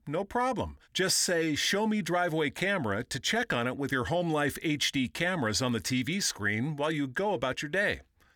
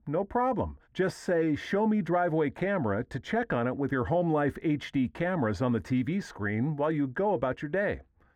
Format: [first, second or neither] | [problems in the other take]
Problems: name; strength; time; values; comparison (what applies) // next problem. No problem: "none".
first | muffled; very; fading above 2.5 kHz